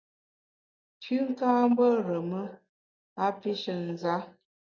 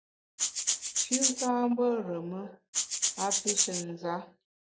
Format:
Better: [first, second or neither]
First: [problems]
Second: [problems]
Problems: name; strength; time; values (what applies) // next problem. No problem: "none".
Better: first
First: none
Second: background sound (Rattle (instrument)); 4 dB above the speech